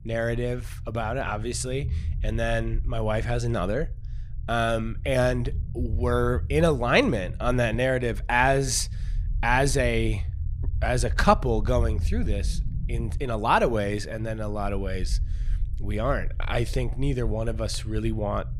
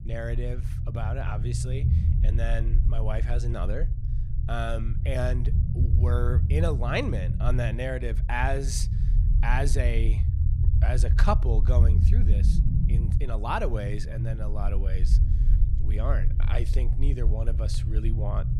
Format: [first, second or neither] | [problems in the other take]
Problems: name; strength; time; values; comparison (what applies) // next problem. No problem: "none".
first | low rumble; loud; throughout; 9 dB below the speech; faint in the first